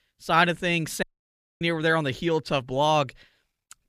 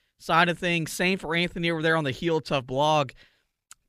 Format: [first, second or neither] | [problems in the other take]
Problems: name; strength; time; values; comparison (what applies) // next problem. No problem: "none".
second | audio cutting out; at 1 s for 0.5 s